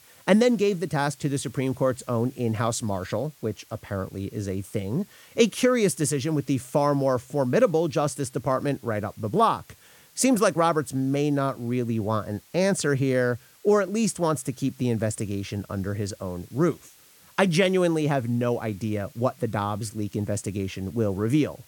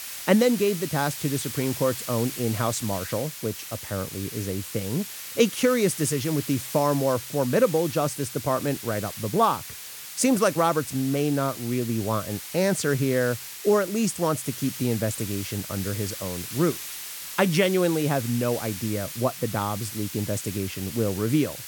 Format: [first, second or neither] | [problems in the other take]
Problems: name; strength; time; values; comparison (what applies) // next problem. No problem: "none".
first | hiss; loud; throughout; 9 dB below the speech; faint in the first